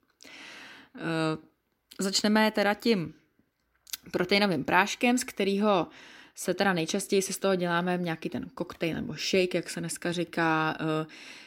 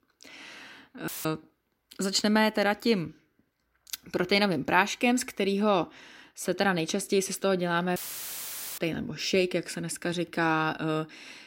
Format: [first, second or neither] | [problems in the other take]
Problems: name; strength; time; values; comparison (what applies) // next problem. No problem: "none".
first | audio cutting out; filled with static; at 1 s and at 8 s for 1 s